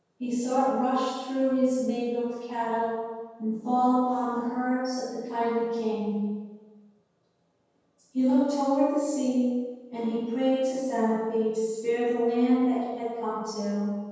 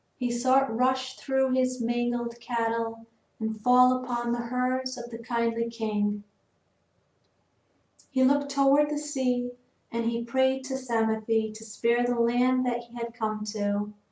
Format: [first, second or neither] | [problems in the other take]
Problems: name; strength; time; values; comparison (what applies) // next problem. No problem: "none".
second | room echo; dies away in 1.2 s